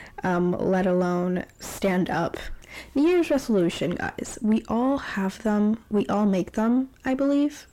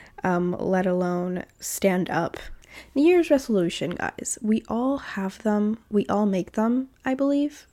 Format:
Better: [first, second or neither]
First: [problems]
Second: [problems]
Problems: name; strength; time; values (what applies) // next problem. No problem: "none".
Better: second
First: distortion; slight; 9 dB below the speech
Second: none